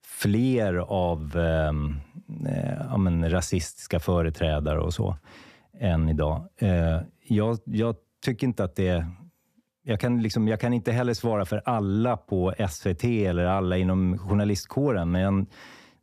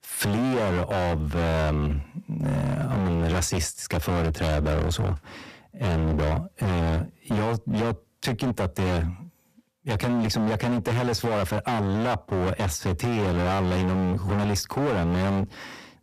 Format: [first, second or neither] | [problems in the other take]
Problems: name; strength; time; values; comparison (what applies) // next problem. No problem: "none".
first | distortion; heavy; 33% of the sound clipped